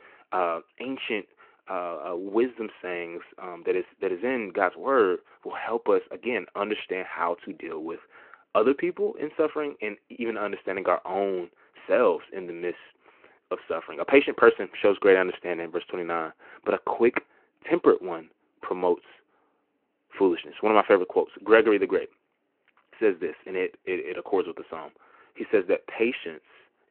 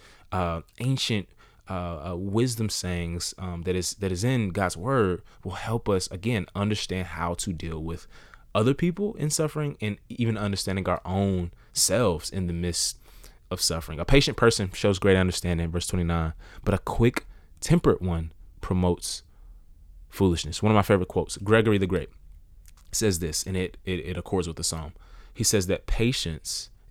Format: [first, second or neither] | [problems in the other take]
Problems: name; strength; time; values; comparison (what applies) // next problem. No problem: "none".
second | phone-call audio